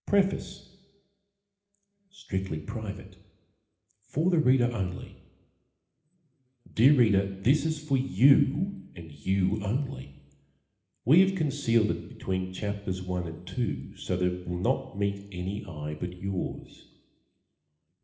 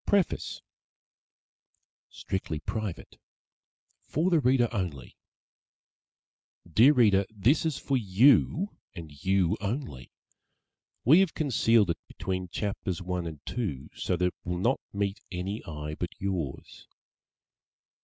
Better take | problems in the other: second | room echo; dies away in 1 s

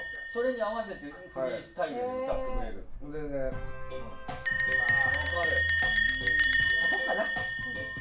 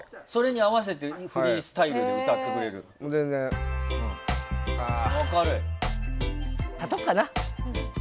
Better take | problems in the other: second | background sound (Bell); 5 dB above the speech // room echo; dies away in 0.3 s

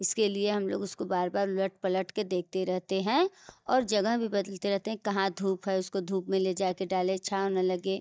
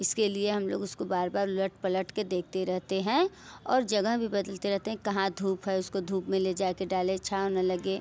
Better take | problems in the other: second | noise reduction (neural mask model DeepFilterNet 3)

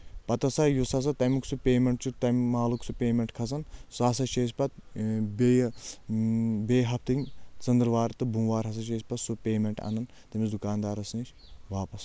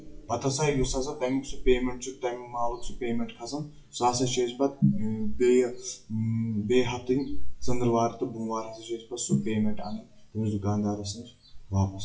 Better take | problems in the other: first | noise reduction (classical method WPE with log-MMSE)

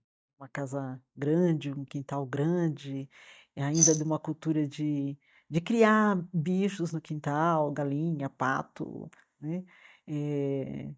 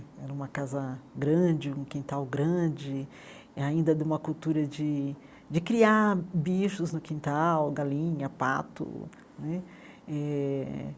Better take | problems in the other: second | noise reduction (neural mask model DeepFilterNet 3)

